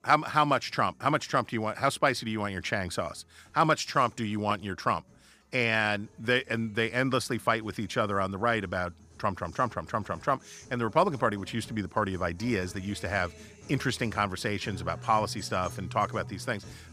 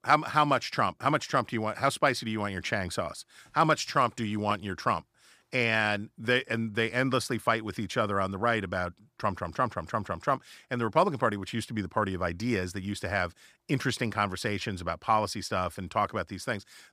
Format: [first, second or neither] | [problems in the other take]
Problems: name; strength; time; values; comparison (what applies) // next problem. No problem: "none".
second | background music; noticeable; throughout; 20 dB below the speech